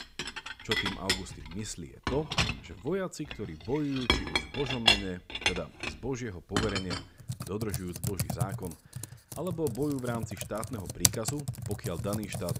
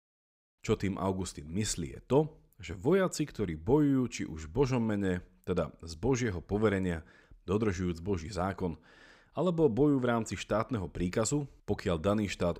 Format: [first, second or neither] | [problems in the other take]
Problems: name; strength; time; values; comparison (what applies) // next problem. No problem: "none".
second | household noises; very loud; throughout; 5 dB above the speech